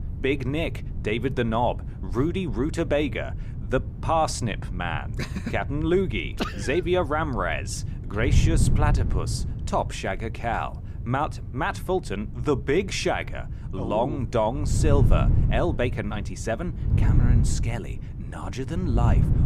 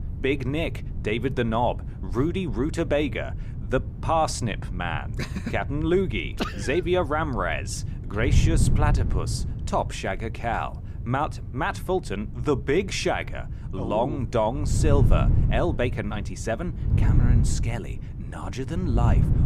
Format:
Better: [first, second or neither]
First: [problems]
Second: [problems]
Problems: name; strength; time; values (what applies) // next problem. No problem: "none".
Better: neither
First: wind noise on the microphone; occasional gusts; 15 dB below the speech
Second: wind noise on the microphone; occasional gusts; 15 dB below the speech